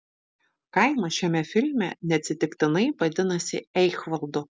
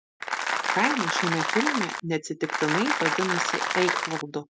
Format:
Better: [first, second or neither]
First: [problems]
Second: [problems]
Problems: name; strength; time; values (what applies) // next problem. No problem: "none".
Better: first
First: none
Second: background sound (Applause); 2 dB above the speech